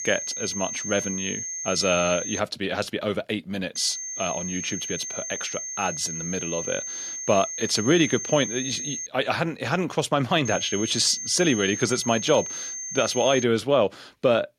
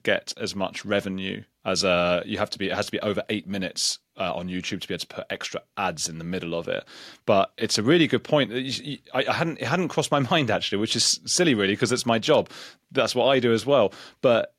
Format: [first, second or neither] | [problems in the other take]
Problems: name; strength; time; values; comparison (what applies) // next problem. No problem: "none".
second | high-pitched whine; loud; until 2.5 s, from 4 to 9 s and from 10 to 13 s; 6.5 kHz, 5 dB below the speech